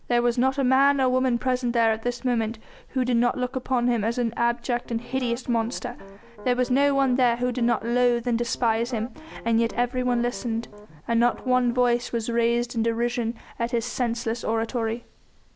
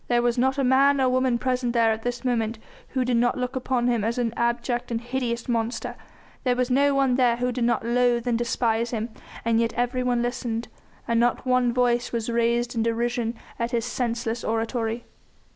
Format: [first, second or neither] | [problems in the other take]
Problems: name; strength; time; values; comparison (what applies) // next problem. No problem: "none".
second | background sound (Piano); 19 dB below the speech